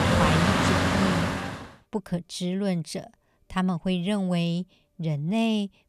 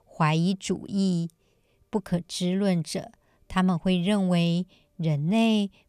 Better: second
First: traffic noise; very loud; until 1 s; 4 dB above the speech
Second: none

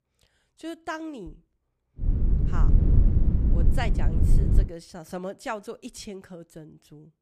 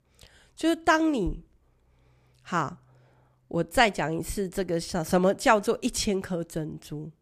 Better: second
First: low rumble; loud; from 2 to 4.5 s; 2 dB below the speech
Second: none

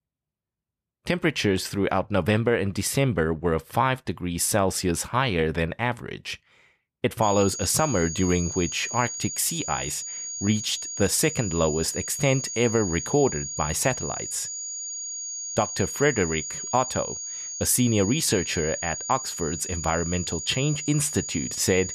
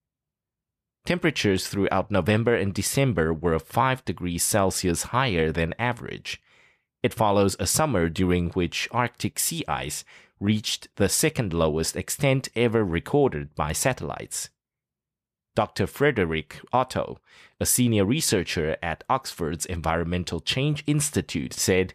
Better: second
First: high-pitched whine; loud; from 7 s on; 6.5 kHz, 6 dB below the speech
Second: none

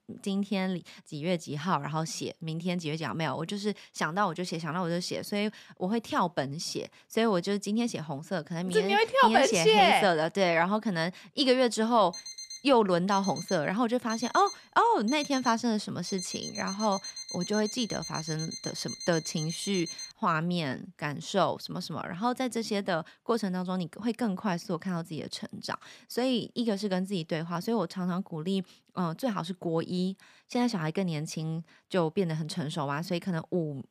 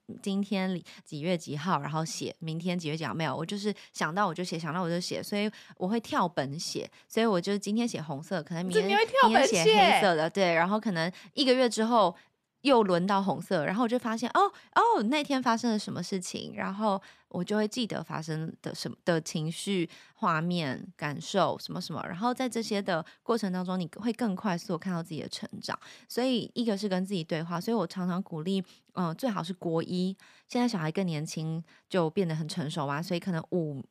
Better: second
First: alarm; noticeable; from 12 to 20 s; peak 8 dB below the speech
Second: none

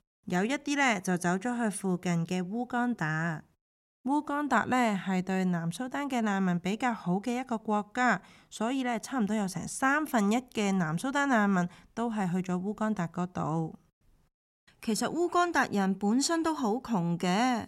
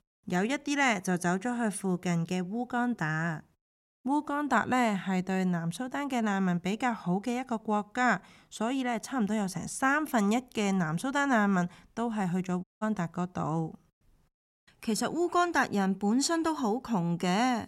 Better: first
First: none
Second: audio cutting out; at 13 s

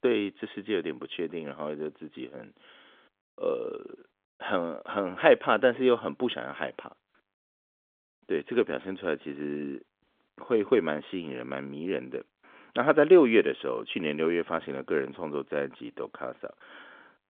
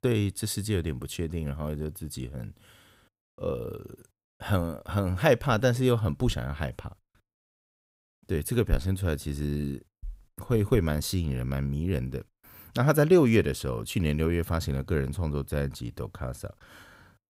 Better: second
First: phone-call audio; nothing above 3.5 kHz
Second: none

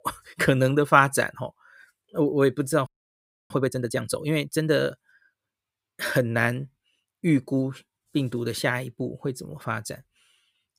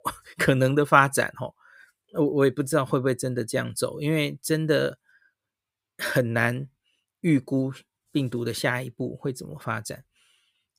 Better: second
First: audio freezing; at 3 s for 0.5 s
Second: none

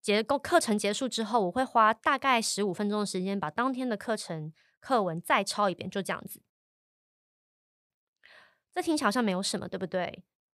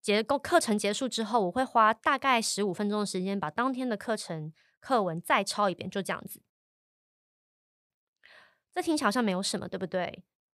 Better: neither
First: none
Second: none

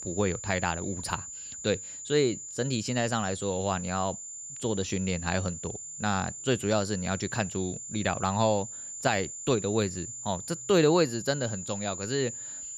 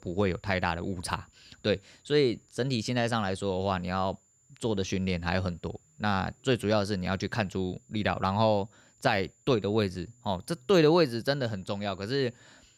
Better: second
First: high-pitched whine; loud; throughout; 7 kHz, 8 dB below the speech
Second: high-pitched whine; faint; throughout; 7 kHz, 35 dB below the speech

